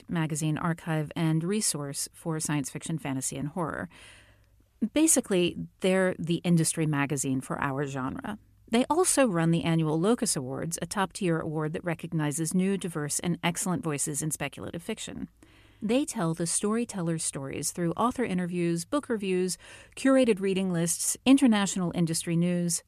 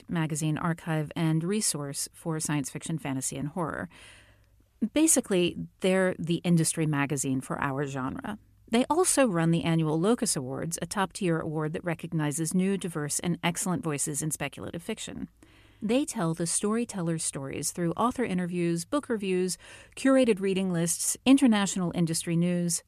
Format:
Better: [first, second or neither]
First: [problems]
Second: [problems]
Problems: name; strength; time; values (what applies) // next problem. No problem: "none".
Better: neither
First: none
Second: none